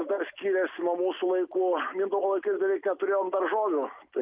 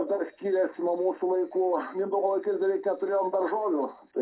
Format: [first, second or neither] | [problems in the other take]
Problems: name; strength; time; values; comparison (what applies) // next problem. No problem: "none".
first | noise reduction (neural separator model SepFormer DNS4)